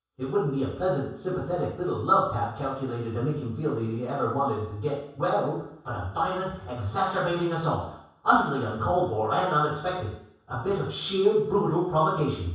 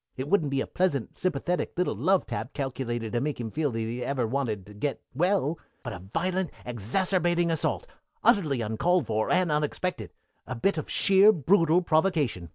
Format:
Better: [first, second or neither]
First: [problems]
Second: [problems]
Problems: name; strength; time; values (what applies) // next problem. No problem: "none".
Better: second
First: room echo; dies away in 0.7 s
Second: none